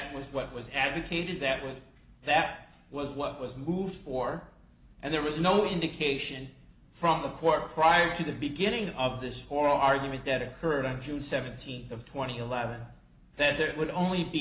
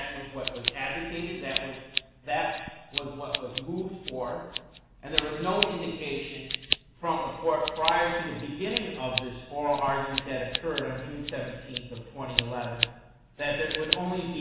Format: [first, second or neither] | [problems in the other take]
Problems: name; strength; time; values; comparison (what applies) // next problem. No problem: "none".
first | background sound (Scissors); 4 dB below the speech // room echo; dies away in 1.1 s